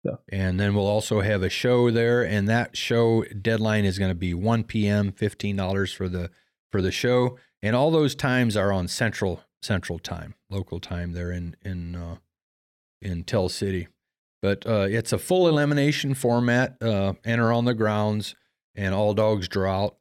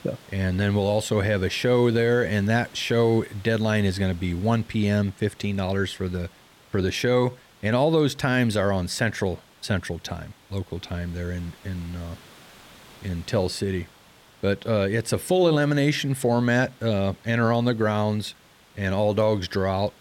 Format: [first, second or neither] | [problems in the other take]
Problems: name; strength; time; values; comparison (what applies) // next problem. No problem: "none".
first | hiss; faint; throughout; 25 dB below the speech